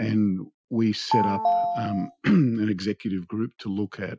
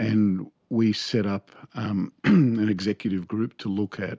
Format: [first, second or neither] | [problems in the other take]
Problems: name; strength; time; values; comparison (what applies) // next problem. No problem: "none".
second | noise reduction (classical method Wiener filter)